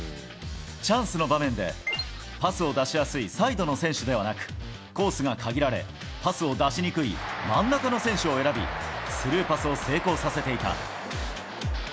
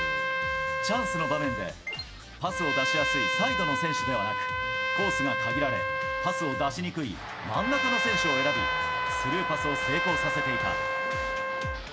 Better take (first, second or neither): first